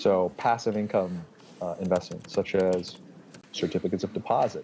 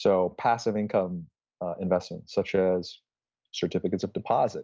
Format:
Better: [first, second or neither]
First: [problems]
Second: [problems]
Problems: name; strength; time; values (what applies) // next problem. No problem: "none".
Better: second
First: background sound (Computer keyboard); 19 dB below the speech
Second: none